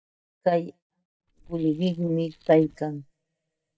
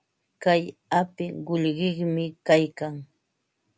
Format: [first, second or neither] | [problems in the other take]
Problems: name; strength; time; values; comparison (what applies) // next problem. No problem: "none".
second | noise reduction (neural mask model DeepFilterNet 3)